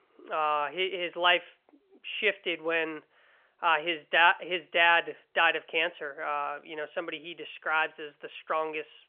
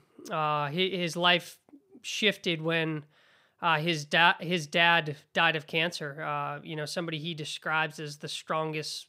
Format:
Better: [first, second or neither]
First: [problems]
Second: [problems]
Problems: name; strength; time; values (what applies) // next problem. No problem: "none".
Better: second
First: phone-call audio; nothing above 3 kHz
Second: none